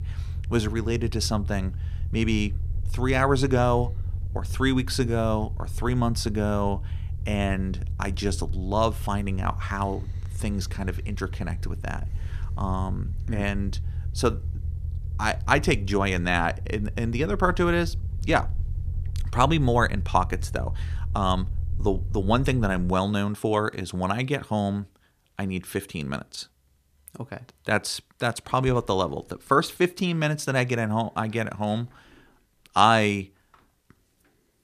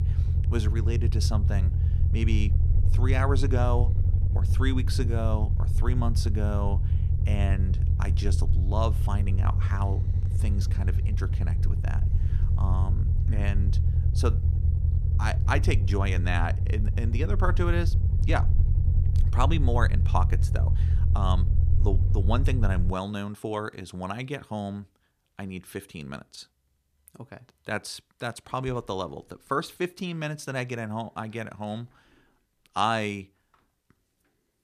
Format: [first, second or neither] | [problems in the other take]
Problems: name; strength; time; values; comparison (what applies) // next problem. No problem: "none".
first | low rumble; loud; until 23 s; 9 dB below the speech; faint in the first